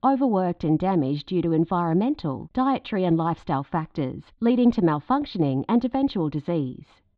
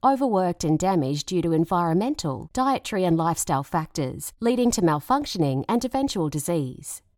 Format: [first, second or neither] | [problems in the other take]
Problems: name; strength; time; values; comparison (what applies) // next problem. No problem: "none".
second | muffled; slightly; fading above 3.5 kHz